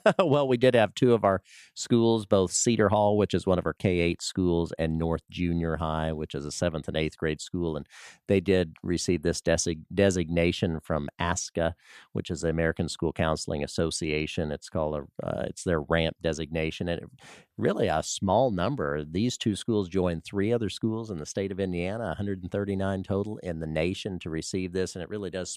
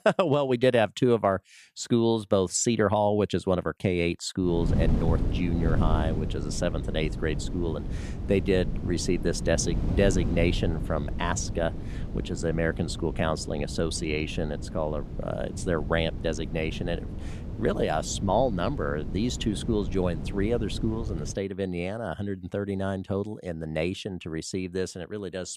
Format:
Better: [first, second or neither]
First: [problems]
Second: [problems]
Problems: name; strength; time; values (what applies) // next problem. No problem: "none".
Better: first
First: none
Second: wind noise on the microphone; occasional gusts; from 4.5 to 21 s; 15 dB below the speech